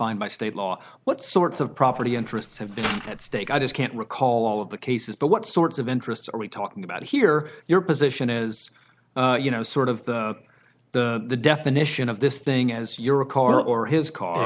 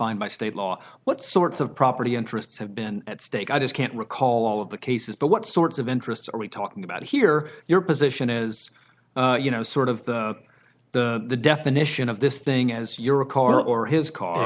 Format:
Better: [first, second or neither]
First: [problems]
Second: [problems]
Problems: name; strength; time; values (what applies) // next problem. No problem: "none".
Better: second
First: background sound (Mechanisms); 12 dB below the speech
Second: none